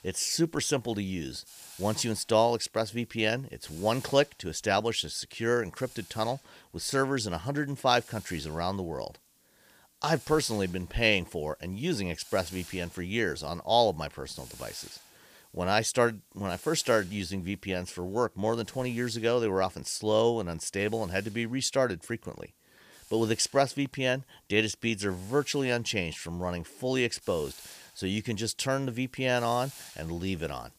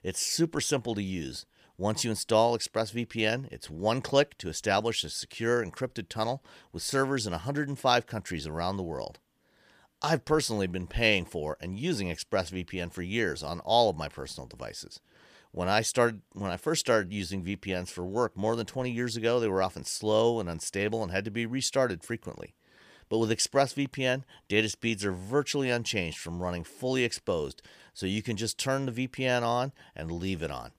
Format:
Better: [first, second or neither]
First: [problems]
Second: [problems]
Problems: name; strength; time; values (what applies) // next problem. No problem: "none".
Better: second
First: hiss; faint; throughout; 20 dB below the speech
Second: none